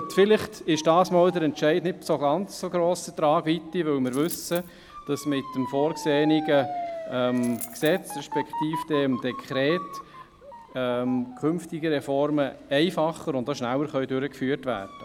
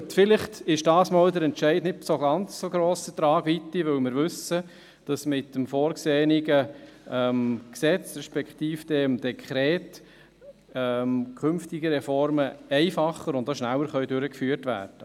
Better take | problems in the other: second | background sound (Motor vehicle (road) / Siren + Coin (dropping)); 14 dB below the speech

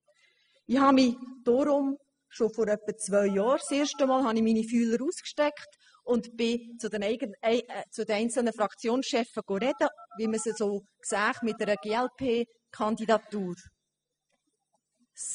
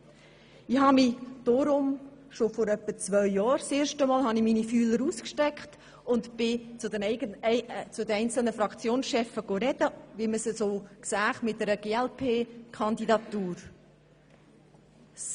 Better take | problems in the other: second | noise reduction (classical method spectral subtraction)

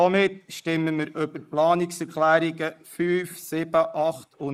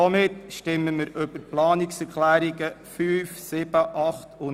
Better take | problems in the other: second | noise reduction (neural mask model Resemble Enhance denoiser)

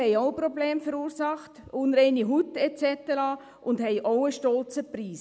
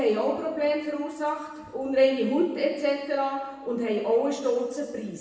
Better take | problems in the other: first | room echo; dies away in 1.2 s

